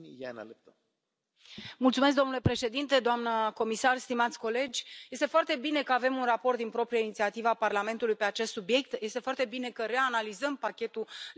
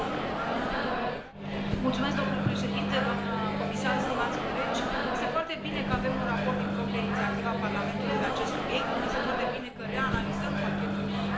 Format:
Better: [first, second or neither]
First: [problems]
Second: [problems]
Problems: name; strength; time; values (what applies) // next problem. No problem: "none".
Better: first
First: none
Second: background sound (Microwave oven); 5 dB above the speech // room echo; dies away in 0.9 s